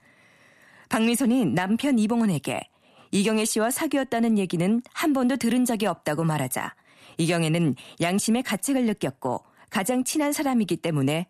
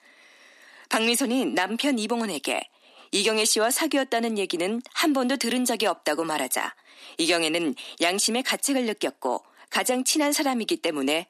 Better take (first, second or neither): first